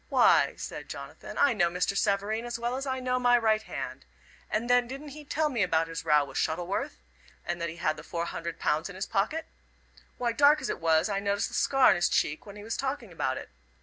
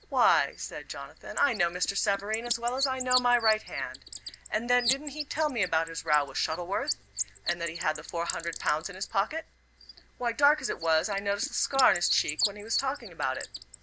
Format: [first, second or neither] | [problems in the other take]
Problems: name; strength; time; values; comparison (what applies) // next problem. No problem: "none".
first | background sound (Bird); 8 dB below the speech